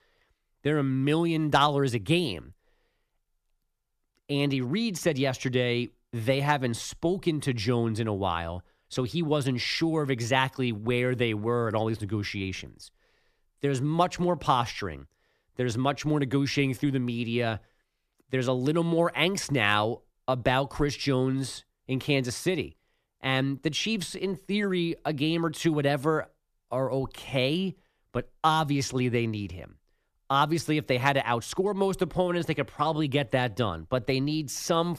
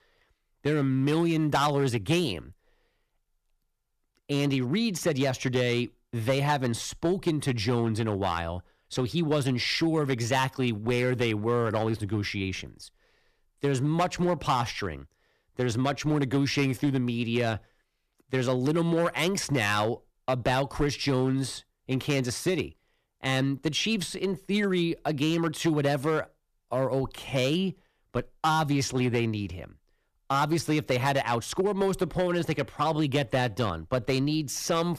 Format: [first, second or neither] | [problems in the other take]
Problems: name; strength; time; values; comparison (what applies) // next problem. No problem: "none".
first | distortion; slight; 4% of the sound clipped